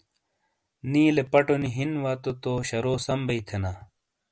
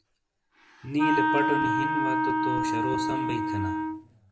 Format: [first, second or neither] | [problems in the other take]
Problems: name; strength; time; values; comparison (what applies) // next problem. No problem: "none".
first | background sound (Wind instrument, woodwind instrument); 5 dB above the speech // room echo; dies away in 1.3 s